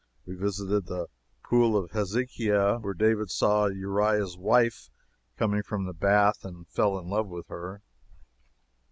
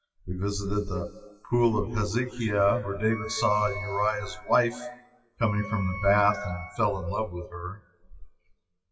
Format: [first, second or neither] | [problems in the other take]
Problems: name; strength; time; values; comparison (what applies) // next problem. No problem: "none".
first | noise reduction (classical method WPE with log-MMSE)